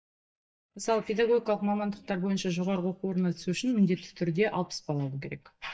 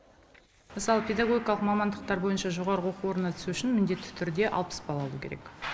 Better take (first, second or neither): second